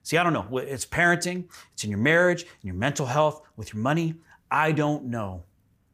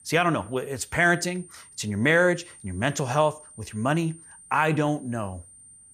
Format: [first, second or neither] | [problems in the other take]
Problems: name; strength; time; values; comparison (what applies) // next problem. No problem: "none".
first | high-pitched whine; faint; throughout; 9 kHz, 20 dB below the speech